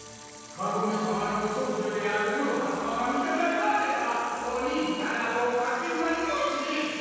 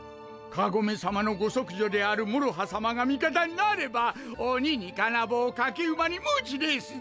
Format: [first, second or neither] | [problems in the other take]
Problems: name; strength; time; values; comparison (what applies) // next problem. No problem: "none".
second | background sound (Sink (filling or washing) / Water tap, faucet); 20 dB below the speech // room echo; dies away in 2.2 s